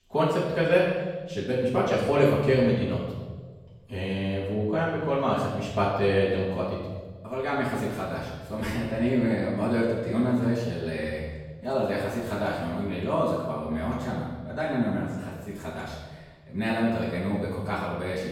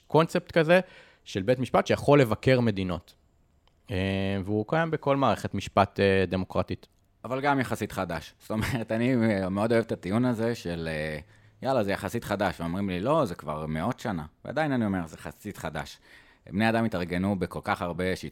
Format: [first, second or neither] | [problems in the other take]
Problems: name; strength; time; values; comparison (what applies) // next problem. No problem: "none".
second | off-mic speech; far // room echo; noticeable; dies away in 1.3 s